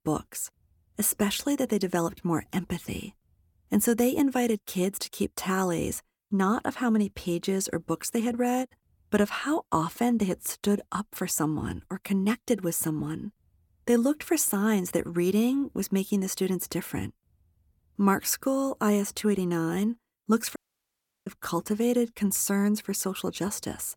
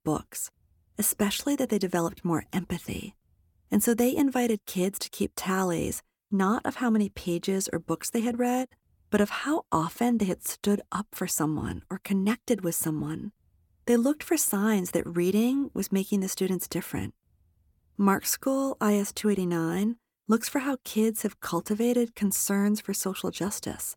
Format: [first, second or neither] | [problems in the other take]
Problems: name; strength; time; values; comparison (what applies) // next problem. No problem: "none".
second | audio cutting out; at 21 s for 0.5 s